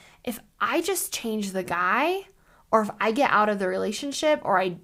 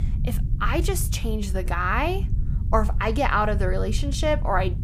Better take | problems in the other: first | low rumble; noticeable; throughout; 20 dB below the speech

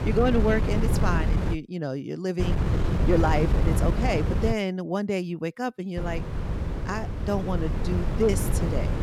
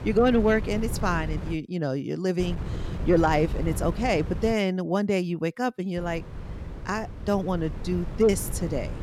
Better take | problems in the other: second | wind noise on the microphone; heavy; until 1.5 s, from 2.5 to 4.5 s and from 6 s on; 5 dB below the speech; occasional gusts in the second

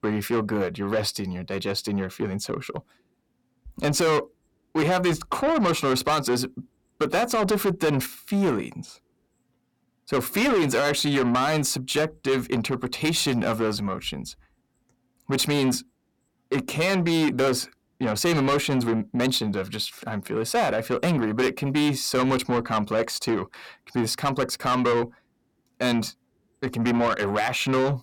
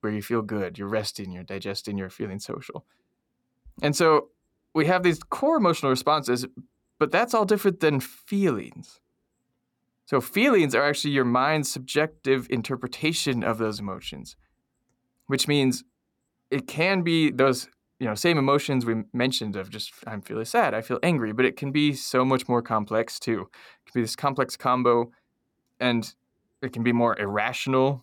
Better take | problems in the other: second | distortion; heavy; 7 dB below the speech

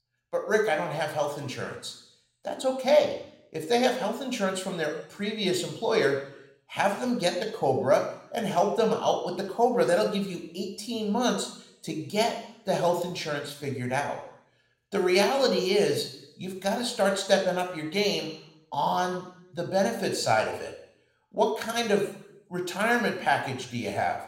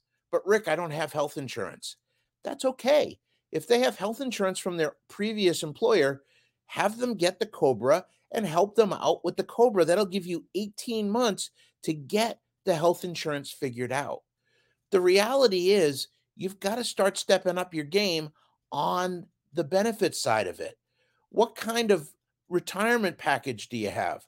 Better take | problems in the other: second | room echo; slight; dies away in 0.7 s

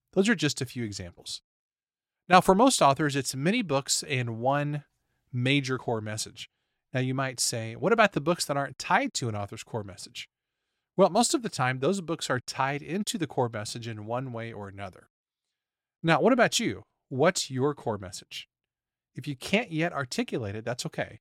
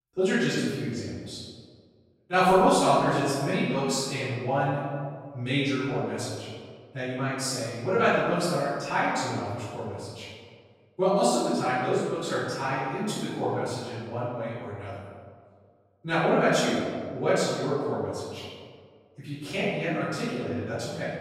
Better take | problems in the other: first | off-mic speech; far // room echo; strong; dies away in 1.7 s

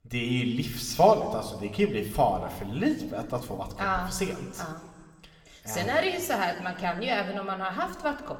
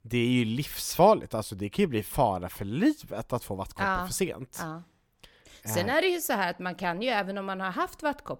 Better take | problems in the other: second | room echo; slight; dies away in 1.4 s

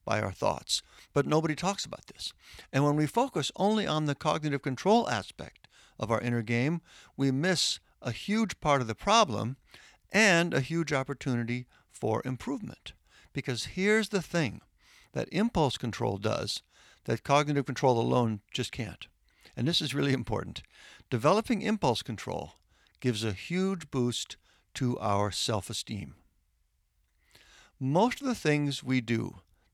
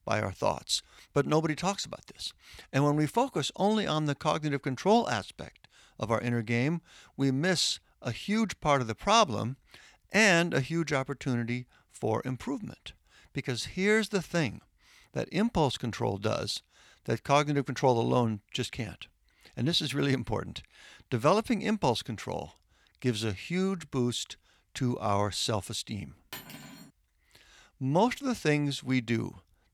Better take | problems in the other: first | clattering dishes; faint; at 26 s; peak 15 dB below the speech

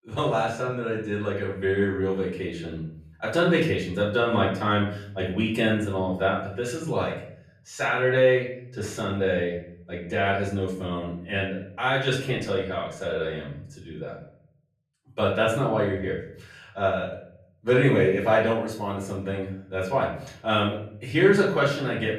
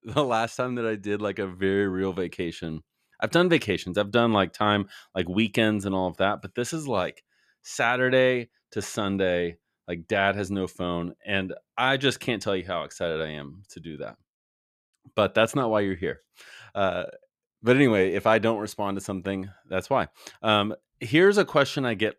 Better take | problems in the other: second | room echo; noticeable; dies away in 0.7 s // off-mic speech; far

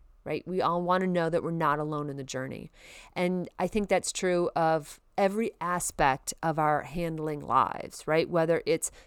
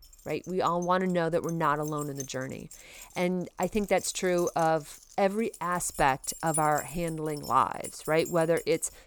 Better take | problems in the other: first | jangling keys; noticeable; from 0.5 s on; peak 4 dB below the speech

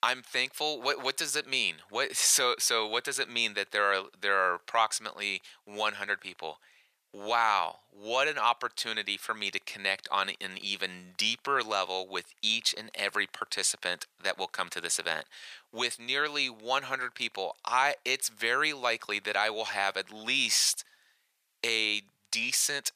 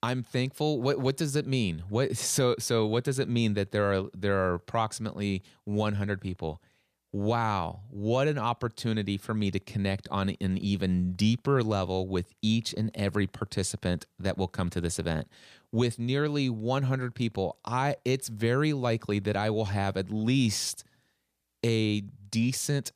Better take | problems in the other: second | thin; very; fading below 900 Hz

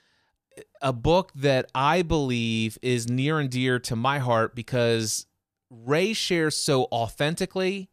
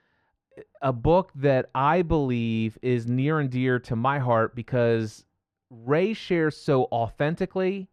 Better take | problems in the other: first | muffled; very; fading above 3.5 kHz

